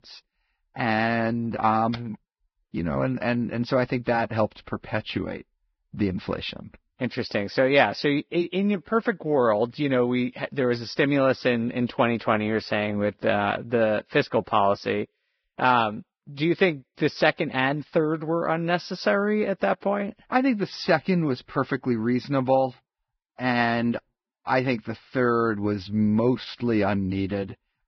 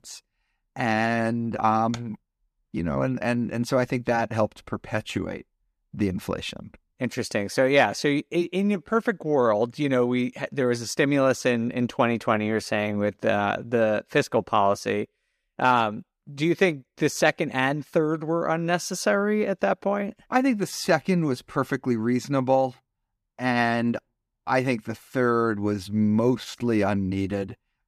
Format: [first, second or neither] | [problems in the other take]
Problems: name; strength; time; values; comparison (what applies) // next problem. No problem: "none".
second | garbled, watery; badly; nothing above 5.5 kHz